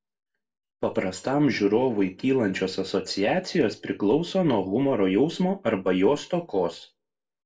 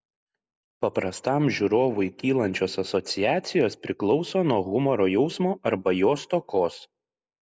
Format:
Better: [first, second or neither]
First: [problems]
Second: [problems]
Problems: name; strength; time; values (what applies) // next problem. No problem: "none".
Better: second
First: room echo; dies away in 0.2 s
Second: none